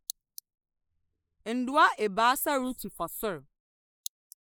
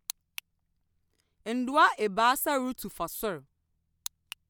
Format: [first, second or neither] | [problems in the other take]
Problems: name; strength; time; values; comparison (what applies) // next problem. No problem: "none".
second | noise reduction (neural mask model Resemble Enhance denoiser)